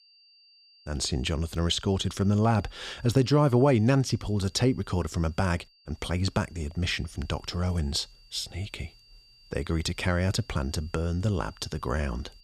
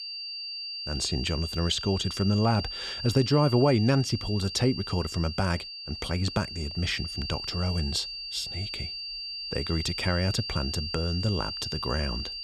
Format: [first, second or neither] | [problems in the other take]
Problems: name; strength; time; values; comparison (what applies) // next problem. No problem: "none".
first | high-pitched whine; loud; throughout; 4.5 kHz, 6 dB below the speech; faint in the first